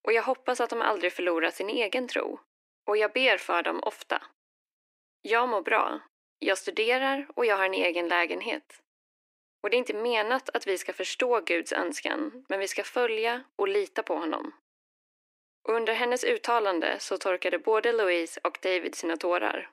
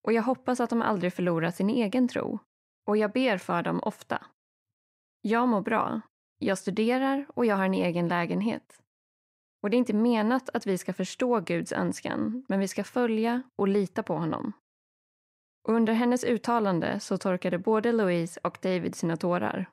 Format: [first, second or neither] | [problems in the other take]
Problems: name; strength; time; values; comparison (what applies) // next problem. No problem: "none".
second | thin; very; fading below 300 Hz